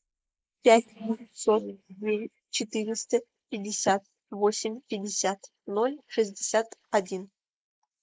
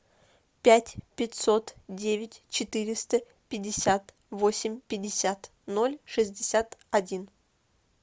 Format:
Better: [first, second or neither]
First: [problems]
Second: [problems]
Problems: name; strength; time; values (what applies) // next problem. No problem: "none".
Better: second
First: noise reduction (neural mask model Resemble Enhance denoiser)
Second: none